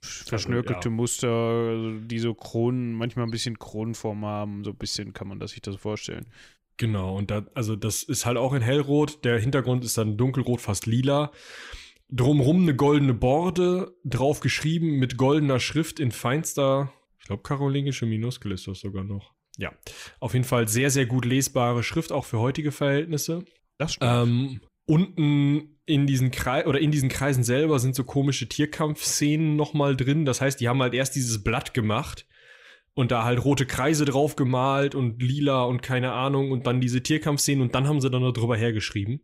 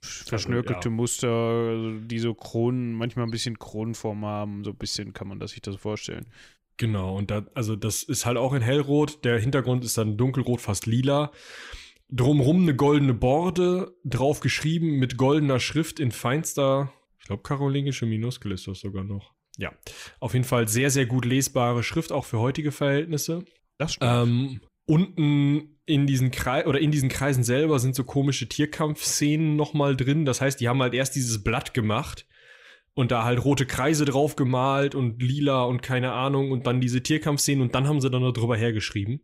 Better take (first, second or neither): neither